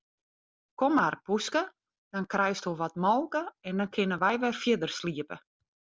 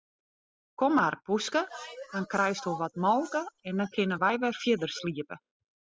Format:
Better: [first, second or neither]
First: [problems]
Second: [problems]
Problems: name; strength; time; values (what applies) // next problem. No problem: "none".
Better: first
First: none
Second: noise reduction (classical method spectral subtraction)